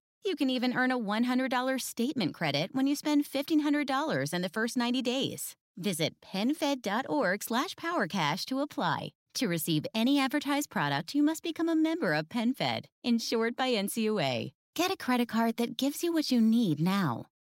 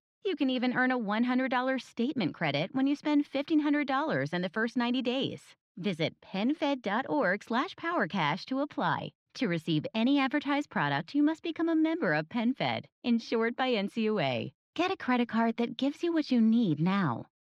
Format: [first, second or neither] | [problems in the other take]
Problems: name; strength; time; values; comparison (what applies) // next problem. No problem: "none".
first | muffled; slightly; fading above 2.5 kHz